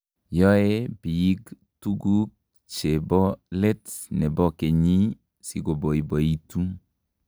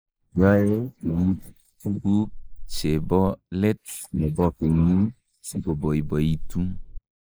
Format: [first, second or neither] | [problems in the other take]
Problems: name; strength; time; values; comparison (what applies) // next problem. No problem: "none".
first | noise reduction (neural mask model Resemble Enhance denoiser)